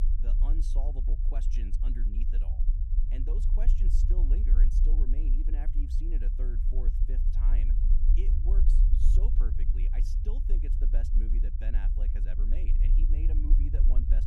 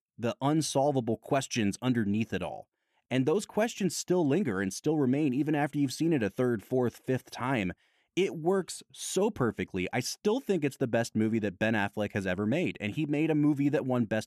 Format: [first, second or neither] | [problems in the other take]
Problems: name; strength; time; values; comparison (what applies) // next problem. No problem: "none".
second | low rumble; loud; throughout; 2 dB below the speech